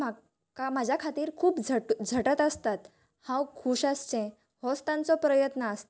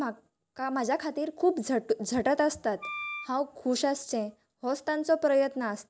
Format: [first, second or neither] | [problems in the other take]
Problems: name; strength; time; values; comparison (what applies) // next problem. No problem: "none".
first | background sound (Wind instrument, woodwind instrument); 9 dB below the speech